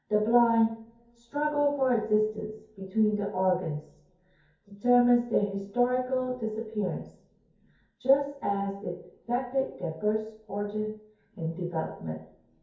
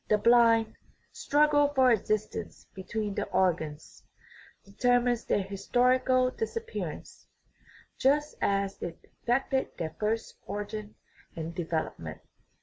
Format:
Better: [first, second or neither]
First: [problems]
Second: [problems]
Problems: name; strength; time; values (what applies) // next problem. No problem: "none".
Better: second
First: room echo; dies away in 0.6 s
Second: none